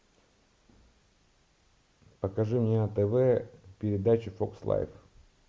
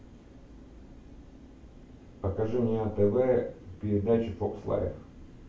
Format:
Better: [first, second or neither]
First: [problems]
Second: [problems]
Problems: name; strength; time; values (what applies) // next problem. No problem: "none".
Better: first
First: none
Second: background sound (Mechanical fan); 19 dB below the speech // room echo; dies away in 0.3 s